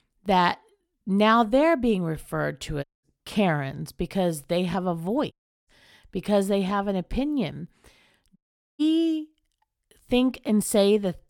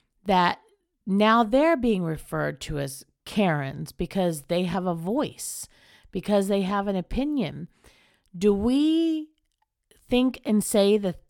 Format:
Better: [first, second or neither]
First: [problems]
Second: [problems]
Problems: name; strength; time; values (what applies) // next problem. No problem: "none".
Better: second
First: audio cutting out; at 3 s, at 5.5 s and at 8.5 s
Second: none